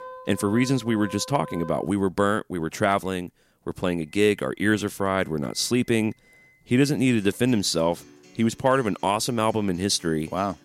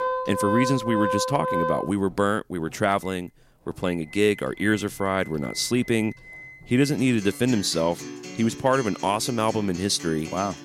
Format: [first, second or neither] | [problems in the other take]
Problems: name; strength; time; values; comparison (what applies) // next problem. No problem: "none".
first | background music; loud; throughout; 8 dB below the speech; faint in the first